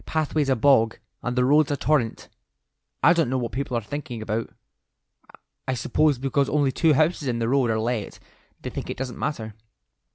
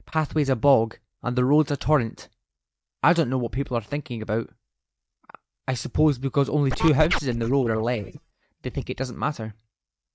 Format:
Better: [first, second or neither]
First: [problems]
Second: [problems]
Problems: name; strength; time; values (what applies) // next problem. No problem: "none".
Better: first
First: none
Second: noise reduction (neural mask model DeepFilterNet 3)